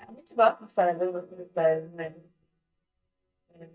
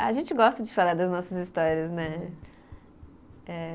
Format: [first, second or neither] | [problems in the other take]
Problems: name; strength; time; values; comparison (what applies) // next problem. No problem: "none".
second | noise reduction (neural mask model DeepFilterNet 3)